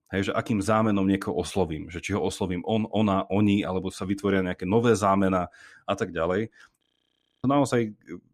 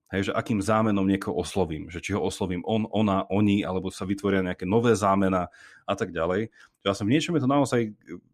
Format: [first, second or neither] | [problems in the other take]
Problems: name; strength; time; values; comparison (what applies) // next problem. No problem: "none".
second | audio freezing; at 7 s for 0.5 s